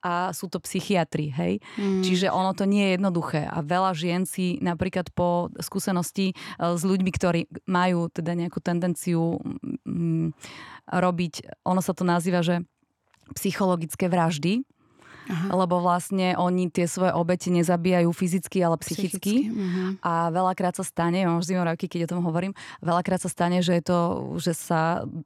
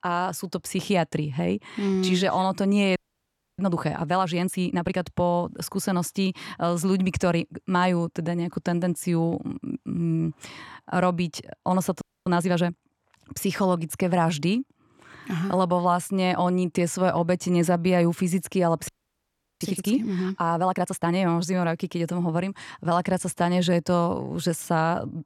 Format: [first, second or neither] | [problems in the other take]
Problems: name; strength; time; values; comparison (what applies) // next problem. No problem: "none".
first | audio freezing; at 3 s for 0.5 s, at 12 s and at 19 s for 0.5 s